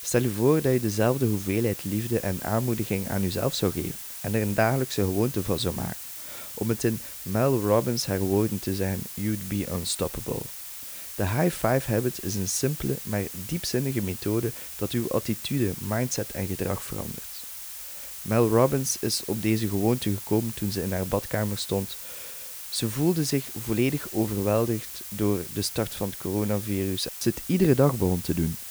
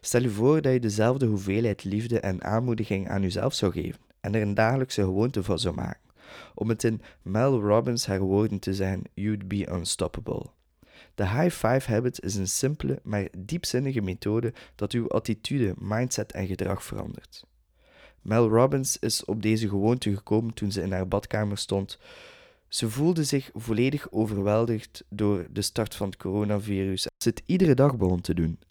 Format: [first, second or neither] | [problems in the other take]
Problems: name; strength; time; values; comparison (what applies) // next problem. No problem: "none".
second | hiss; loud; throughout; 9 dB below the speech